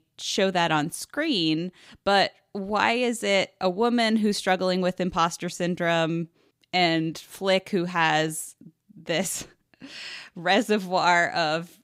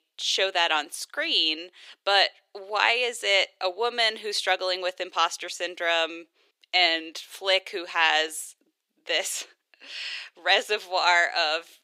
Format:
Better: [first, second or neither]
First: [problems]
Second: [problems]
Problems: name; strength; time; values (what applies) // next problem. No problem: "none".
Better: first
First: none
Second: thin; very; fading below 400 Hz